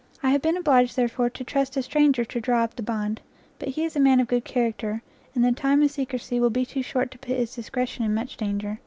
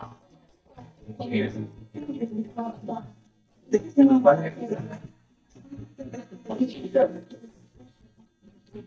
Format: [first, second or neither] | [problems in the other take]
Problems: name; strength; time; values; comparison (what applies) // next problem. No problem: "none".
first | noise reduction (neural mask model DeepFilterNet 3)